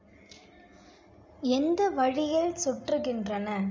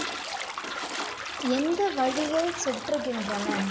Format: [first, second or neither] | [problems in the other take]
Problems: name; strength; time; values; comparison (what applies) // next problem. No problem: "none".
first | background sound (Toilet flush / Gurgling + Bathtub (filling or washing)); 5 dB below the speech